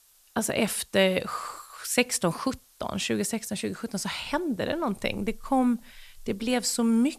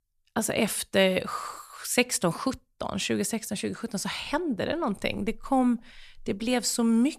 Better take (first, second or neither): second